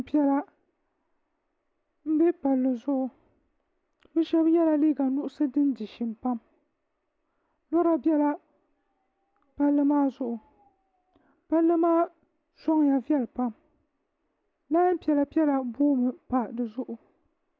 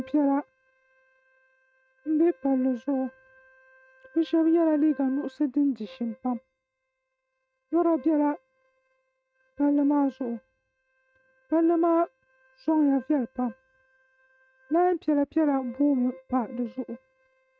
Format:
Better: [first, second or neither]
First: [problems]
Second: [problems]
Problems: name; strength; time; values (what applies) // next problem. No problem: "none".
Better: first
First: none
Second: noise reduction (neural mask model RNNoise)